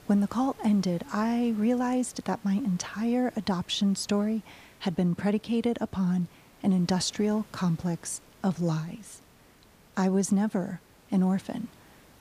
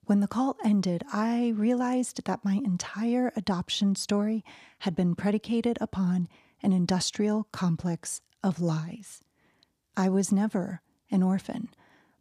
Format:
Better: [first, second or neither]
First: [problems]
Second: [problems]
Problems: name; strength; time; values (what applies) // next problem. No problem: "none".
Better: second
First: hiss; faint; throughout; 25 dB below the speech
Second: none